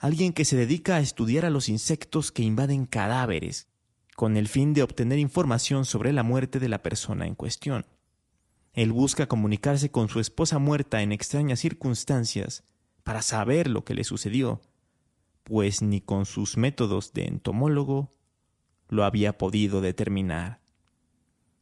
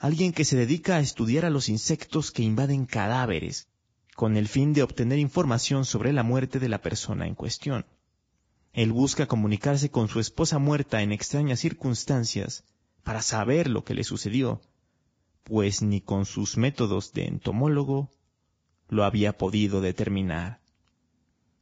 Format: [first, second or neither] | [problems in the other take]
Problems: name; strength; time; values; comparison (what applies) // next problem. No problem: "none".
first | garbled, watery; badly; nothing above 7.5 kHz; slightly in the first